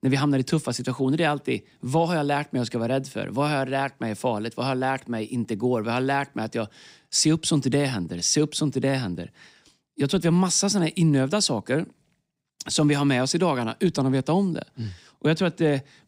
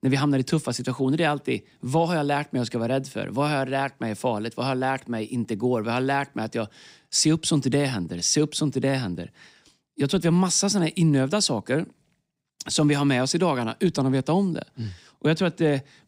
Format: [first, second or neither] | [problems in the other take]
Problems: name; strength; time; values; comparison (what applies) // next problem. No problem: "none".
neither | none